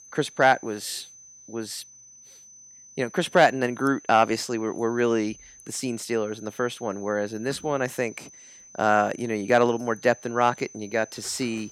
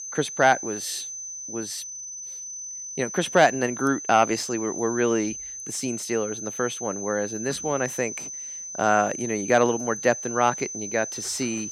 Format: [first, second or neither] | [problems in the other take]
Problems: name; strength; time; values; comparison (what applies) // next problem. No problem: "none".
first | high-pitched whine; loud; throughout; 6 kHz, 8 dB below the speech; faint in the first